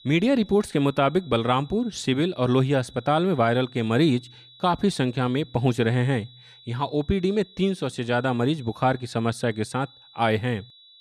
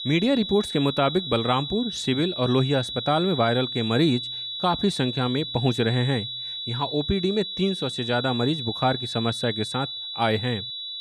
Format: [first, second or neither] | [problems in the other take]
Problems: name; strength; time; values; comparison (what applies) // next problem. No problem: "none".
first | high-pitched whine; loud; throughout; 4 kHz, 6 dB below the speech; faint in the first